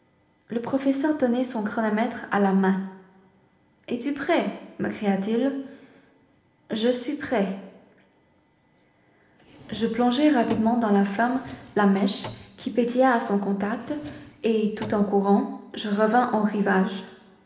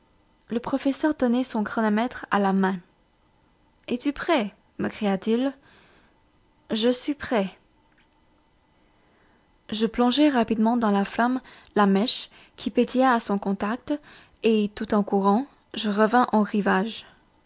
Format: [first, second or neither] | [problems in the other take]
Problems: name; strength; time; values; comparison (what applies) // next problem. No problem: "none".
second | background sound (Drawer open or close); 19 dB below the speech // room echo; dies away in 1 s